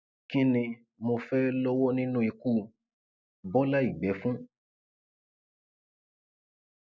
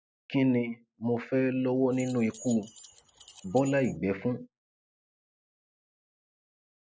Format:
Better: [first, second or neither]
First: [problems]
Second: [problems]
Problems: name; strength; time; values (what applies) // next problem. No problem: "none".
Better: first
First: none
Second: background sound (Keys jangling); 19 dB below the speech